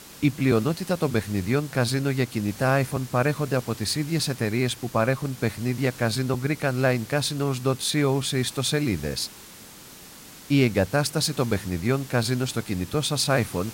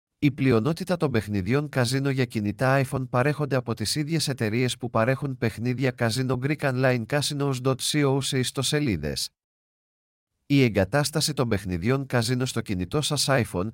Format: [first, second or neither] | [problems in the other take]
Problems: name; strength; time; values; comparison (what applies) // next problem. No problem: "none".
second | hiss; noticeable; throughout; 15 dB below the speech